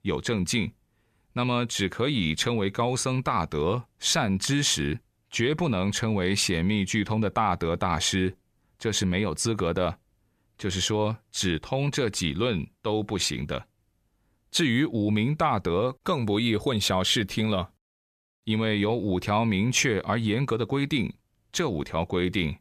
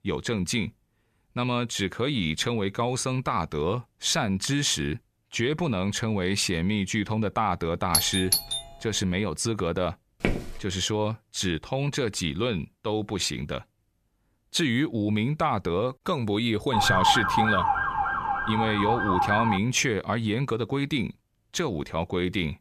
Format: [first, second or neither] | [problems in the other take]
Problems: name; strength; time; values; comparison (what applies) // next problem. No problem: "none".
first | doorbell; loud; at 8 s; peak 4 dB above the speech // footsteps; noticeable; at 10 s; peak 3 dB below the speech // siren; loud; from 17 to 20 s; peak 5 dB above the speech